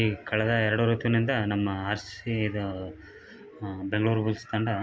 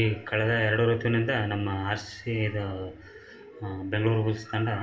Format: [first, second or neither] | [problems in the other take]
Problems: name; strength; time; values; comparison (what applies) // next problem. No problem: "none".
first | room echo; dies away in 0.5 s